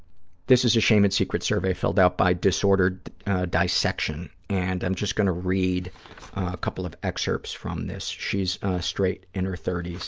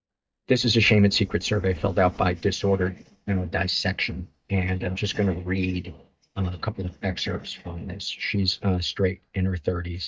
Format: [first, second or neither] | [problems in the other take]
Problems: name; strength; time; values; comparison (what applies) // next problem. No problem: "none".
first | noise reduction (neural mask model DeepFilterNet 3)